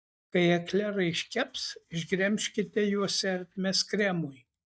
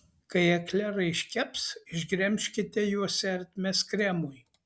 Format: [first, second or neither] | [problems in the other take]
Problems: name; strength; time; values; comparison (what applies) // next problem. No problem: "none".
second | noise reduction (neural mask model DeepFilterNet 3)